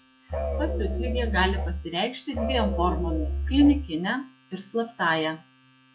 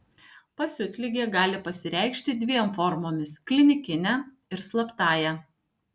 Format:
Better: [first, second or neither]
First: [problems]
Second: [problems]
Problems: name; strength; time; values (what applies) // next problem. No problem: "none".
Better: second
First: noise reduction (classical method log-MMSE)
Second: none